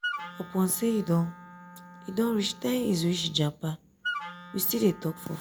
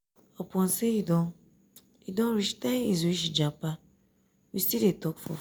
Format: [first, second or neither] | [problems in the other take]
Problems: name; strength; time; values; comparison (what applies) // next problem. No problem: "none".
second | background sound (Wind instrument, woodwind instrument); 12 dB below the speech